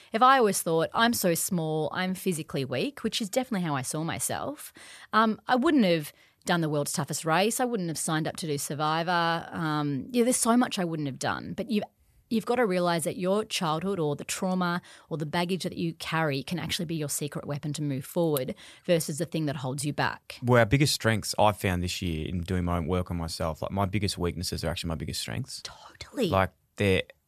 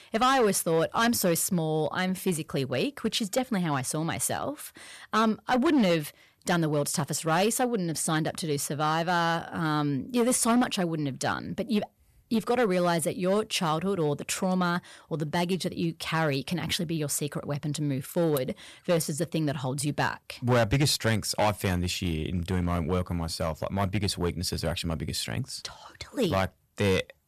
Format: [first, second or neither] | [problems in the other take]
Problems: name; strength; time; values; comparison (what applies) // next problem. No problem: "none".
first | distortion; slight; 4% of the sound clipped